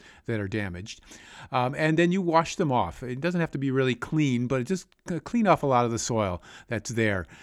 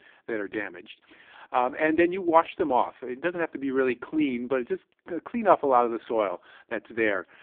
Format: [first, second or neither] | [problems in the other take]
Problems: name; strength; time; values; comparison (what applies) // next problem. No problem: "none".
first | phone-call audio; poor line